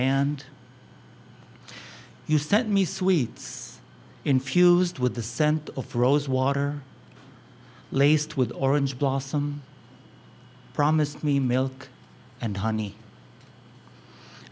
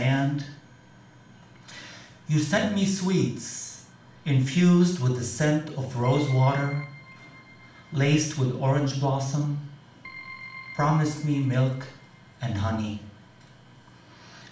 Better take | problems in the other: first | background sound (Keyboard (musical)); 19 dB below the speech // room echo; dies away in 0.5 s

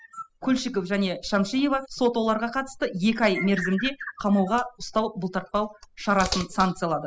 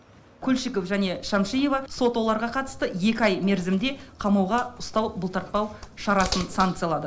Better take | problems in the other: second | noise reduction (classical method spectral subtraction)

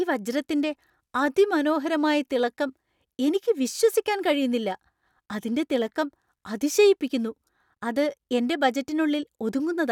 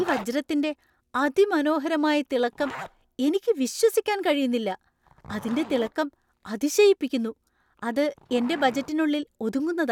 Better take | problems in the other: first | background sound (Zipper (clothing)); 19 dB below the speech

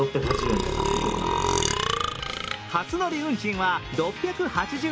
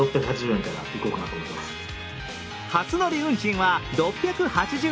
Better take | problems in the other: second | background sound (Burping, eructation); 2 dB above the speech

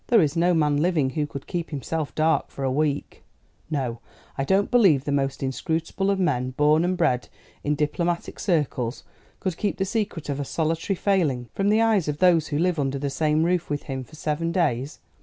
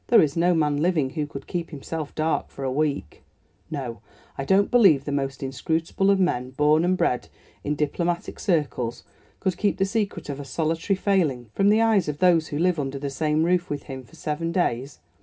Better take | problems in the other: first | room echo; dies away in 0.3 s

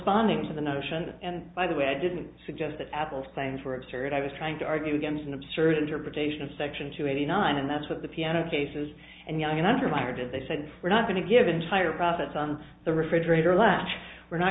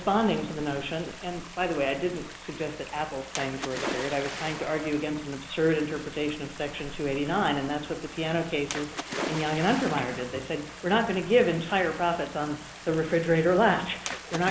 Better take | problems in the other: first | background sound (Stream + Splash, splatter); 11 dB below the speech

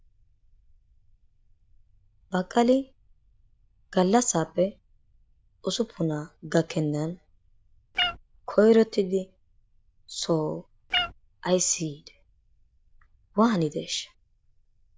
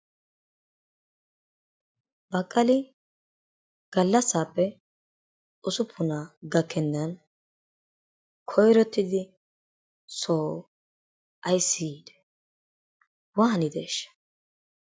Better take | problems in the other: second | noise reduction (neural diffusion model UNIVERSE++)

